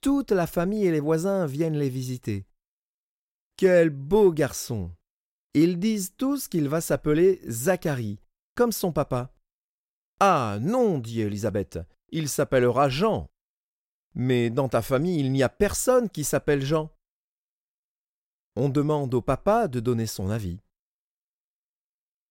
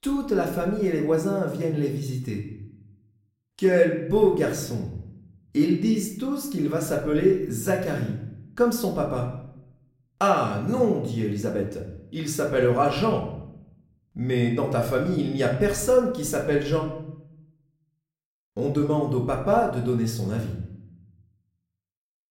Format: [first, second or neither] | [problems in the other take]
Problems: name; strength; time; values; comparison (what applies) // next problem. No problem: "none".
first | room echo; slight; dies away in 0.7 s // off-mic speech; somewhat distant